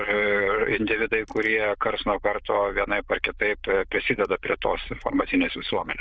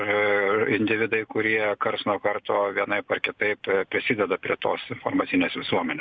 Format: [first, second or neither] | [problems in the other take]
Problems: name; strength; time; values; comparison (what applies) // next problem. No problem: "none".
second | noise reduction (neural diffusion model UNIVERSE++)